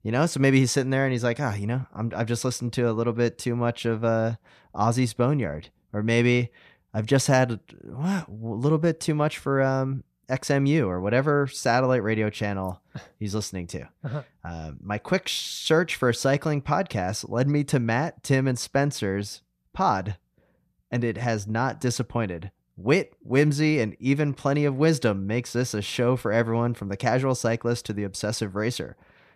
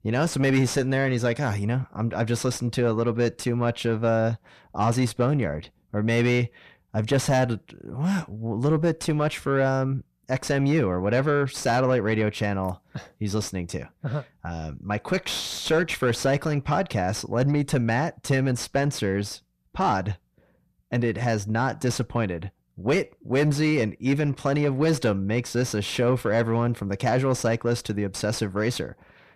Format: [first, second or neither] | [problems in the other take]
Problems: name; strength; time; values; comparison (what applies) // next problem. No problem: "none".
first | distortion; slight; 10 dB below the speech